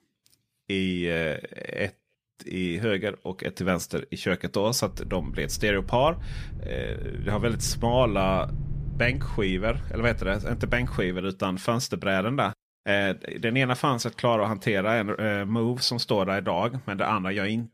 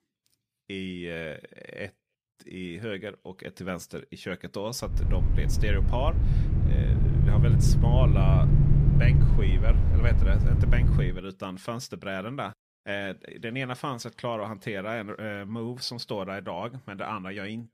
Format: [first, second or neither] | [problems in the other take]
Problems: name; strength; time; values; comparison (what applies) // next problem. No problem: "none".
first | low rumble; loud; from 5 to 11 s; 1 dB below the speech; faint in the first